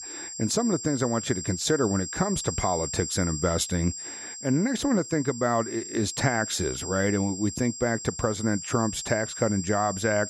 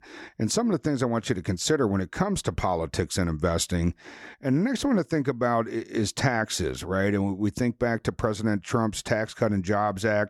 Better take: second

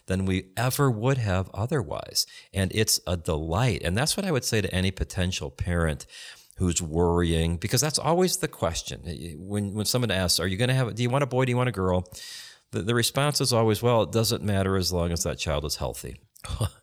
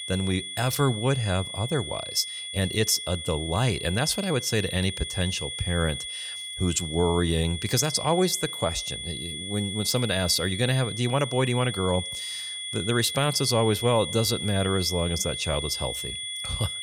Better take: first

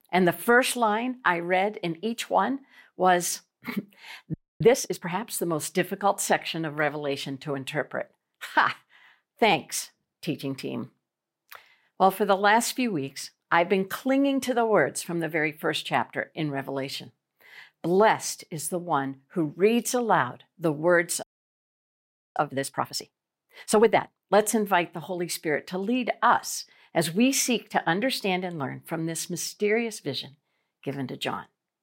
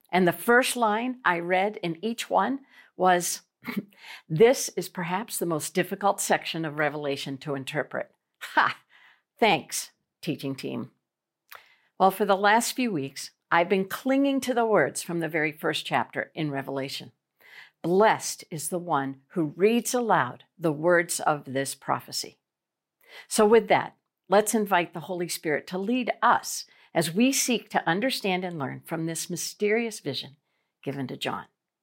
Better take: second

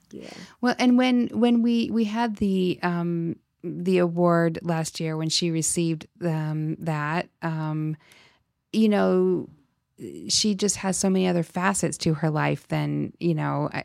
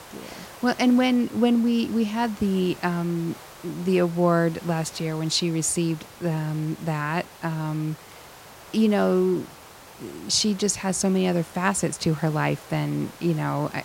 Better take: first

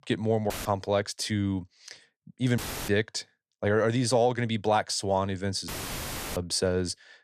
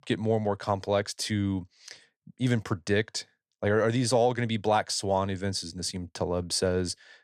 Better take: second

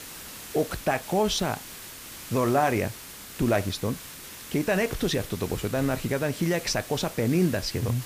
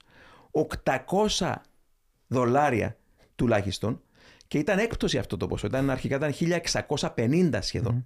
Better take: second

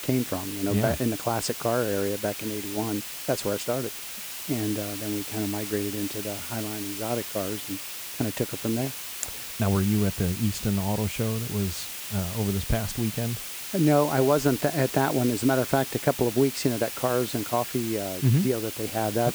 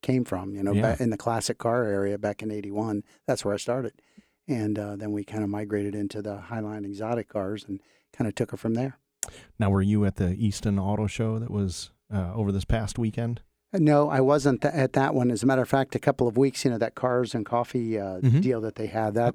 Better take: second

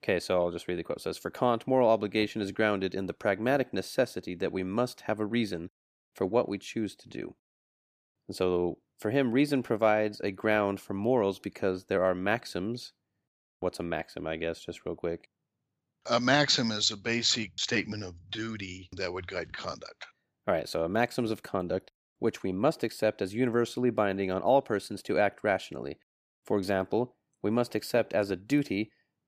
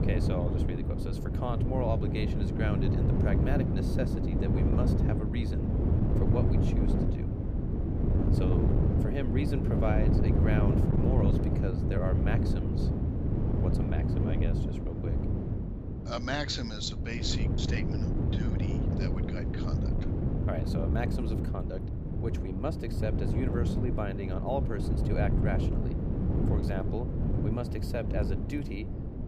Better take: first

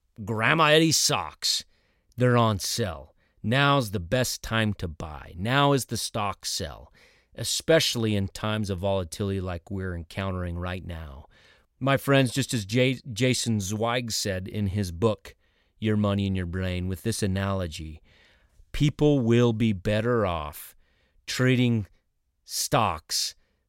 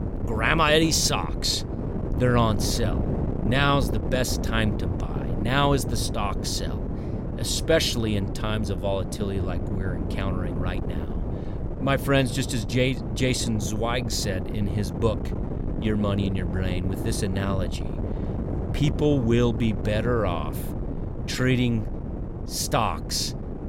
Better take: first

